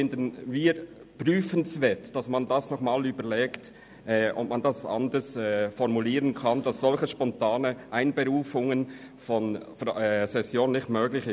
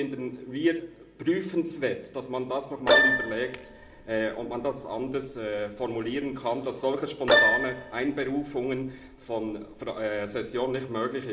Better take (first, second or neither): first